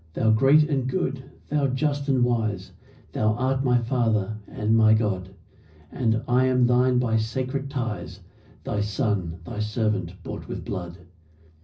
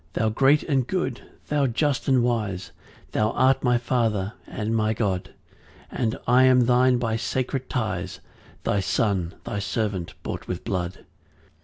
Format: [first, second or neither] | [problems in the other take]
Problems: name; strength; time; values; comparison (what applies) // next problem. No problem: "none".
second | room echo; dies away in 0.4 s